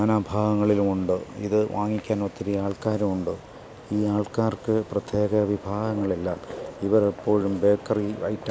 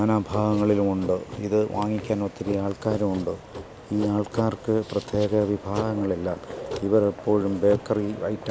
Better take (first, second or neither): first